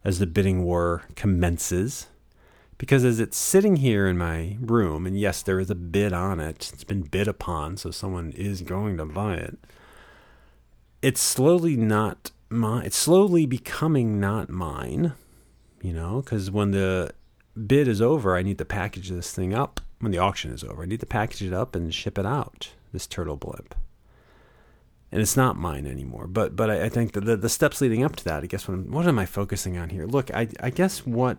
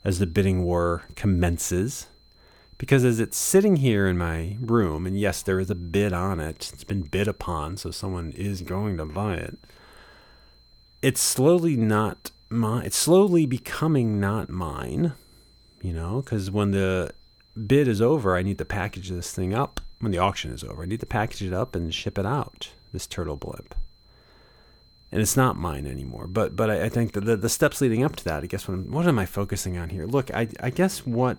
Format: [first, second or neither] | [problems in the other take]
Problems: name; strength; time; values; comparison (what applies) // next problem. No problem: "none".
first | high-pitched whine; faint; throughout; 4 kHz, 35 dB below the speech